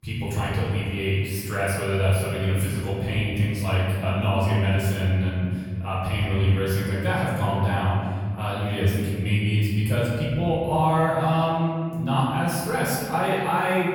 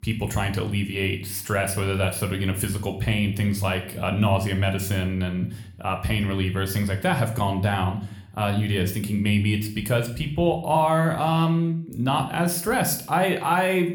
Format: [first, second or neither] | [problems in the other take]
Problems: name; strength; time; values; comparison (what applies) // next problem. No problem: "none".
second | room echo; strong; dies away in 1.8 s; slight in the second // off-mic speech; far